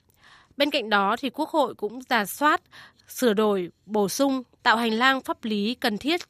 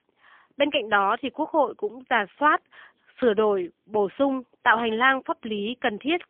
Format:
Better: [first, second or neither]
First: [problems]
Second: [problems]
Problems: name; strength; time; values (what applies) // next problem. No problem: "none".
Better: first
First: none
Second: phone-call audio; poor line; nothing above 3.5 kHz